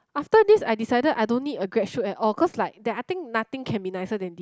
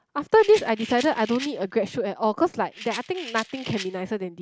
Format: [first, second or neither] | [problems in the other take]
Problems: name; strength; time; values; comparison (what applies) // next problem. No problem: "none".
first | background sound (Rattle); 15 dB below the speech